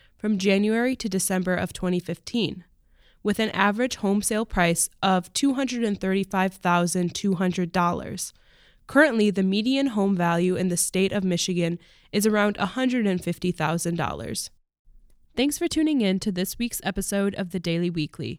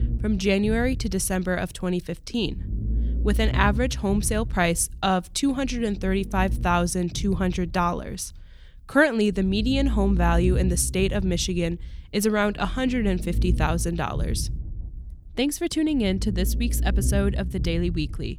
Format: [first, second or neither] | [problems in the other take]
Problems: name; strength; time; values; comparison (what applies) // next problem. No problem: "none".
first | low rumble; noticeable; throughout; 20 dB below the speech